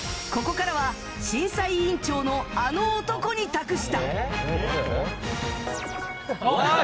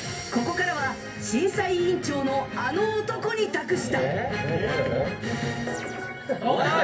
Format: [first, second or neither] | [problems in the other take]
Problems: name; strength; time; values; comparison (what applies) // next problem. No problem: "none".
first | room echo; dies away in 0.3 s